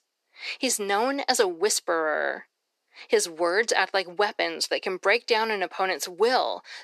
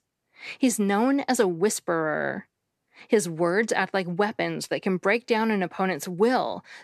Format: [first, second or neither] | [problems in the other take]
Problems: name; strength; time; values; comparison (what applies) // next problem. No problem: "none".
second | thin; somewhat; fading below 400 Hz